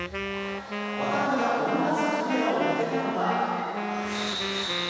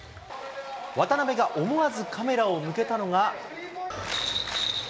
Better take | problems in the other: second | background sound (Wind instrument, woodwind instrument); 5 dB below the speech // room echo; dies away in 2.1 s

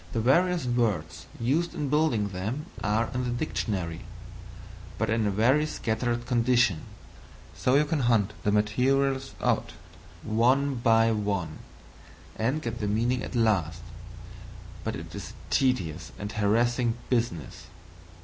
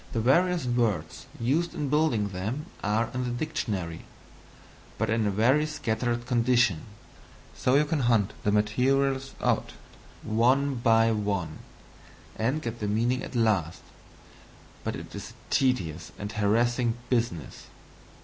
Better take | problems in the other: second | background sound (Bass guitar); 14 dB below the speech

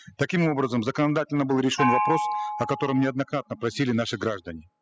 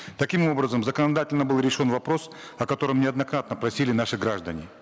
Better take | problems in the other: second | noise reduction (classical method spectral subtraction)

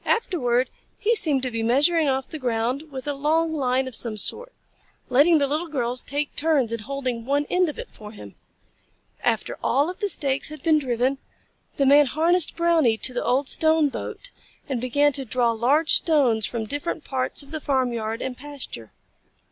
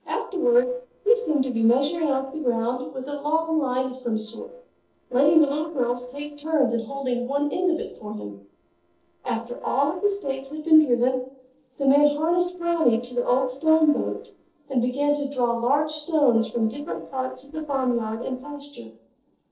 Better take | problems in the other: first | noise reduction (neural separator model SepFormer DNS4)

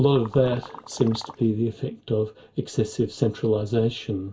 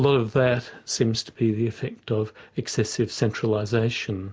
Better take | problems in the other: second | background sound (Liquid); 17 dB below the speech // room echo; dies away in 0.2 s

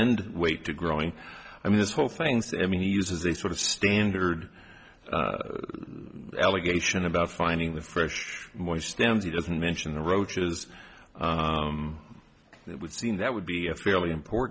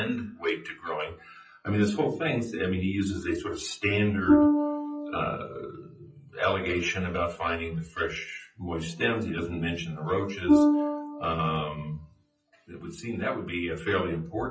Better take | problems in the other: first | noise reduction (classical method WPE with log-MMSE)

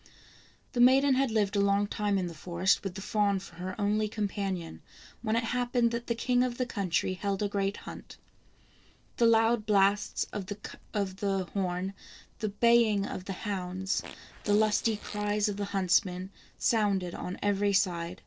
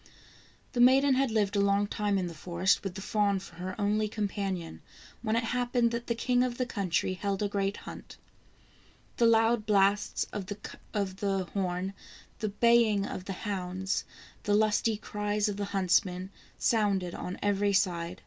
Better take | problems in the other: second | noise reduction (neural separator model SepFormer DNS4)

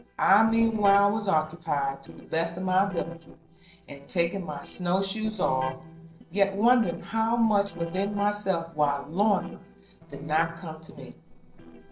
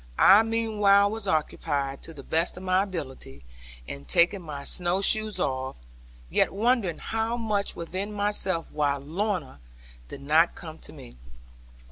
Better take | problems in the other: second | noise reduction (neural separator model SepFormer DNS4)

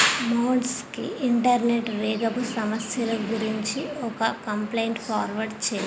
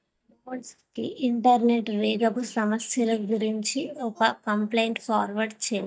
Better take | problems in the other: first | noise reduction (neural mask model DeepFilterNet 3)

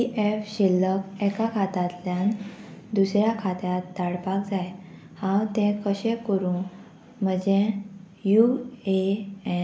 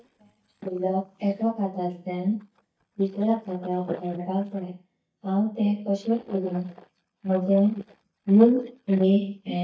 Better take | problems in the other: first | noise reduction (neural mask model DeepFilterNet 3)

